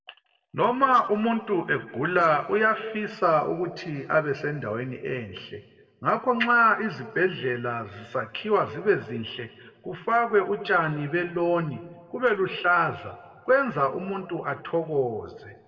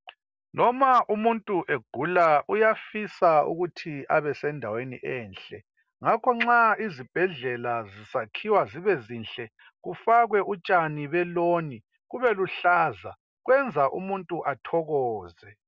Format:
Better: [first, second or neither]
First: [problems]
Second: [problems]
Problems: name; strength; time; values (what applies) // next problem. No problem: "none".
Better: second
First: room echo; dies away in 1 s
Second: none